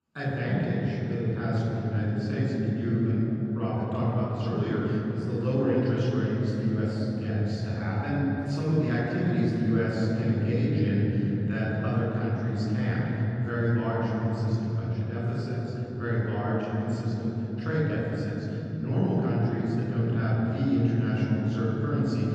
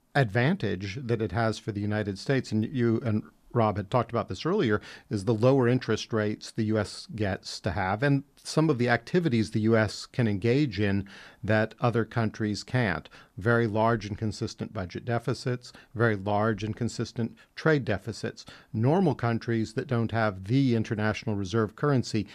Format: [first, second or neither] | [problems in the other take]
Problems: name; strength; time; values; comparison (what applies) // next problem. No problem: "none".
second | room echo; strong; dies away in 3 s // off-mic speech; far